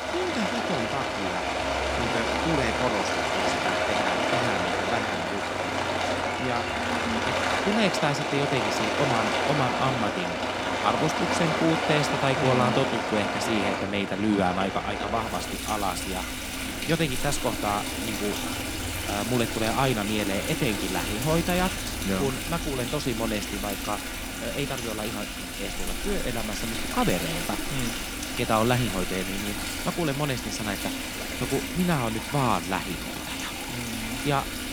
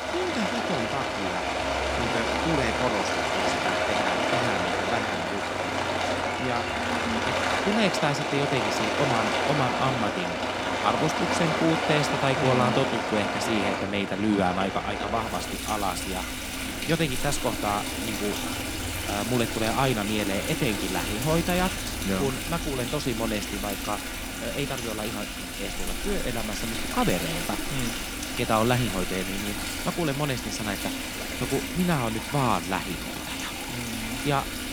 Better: neither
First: rain or running water; very loud; throughout; 1 dB above the speech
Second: rain or running water; very loud; throughout; 1 dB above the speech

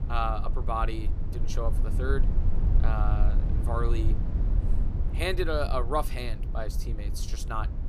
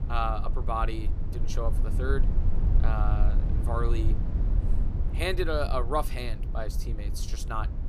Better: neither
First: low rumble; noticeable; throughout; 10 dB below the speech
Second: low rumble; noticeable; throughout; 10 dB below the speech

